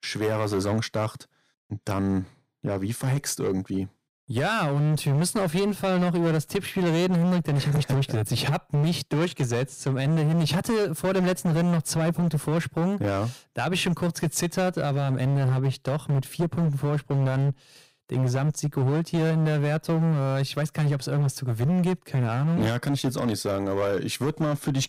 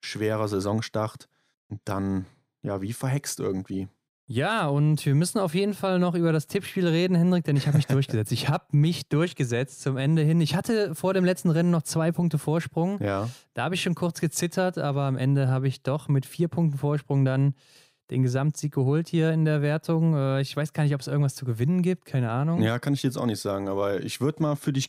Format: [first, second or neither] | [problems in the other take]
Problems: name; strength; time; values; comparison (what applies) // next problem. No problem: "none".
second | distortion; slight; 18% of the sound clipped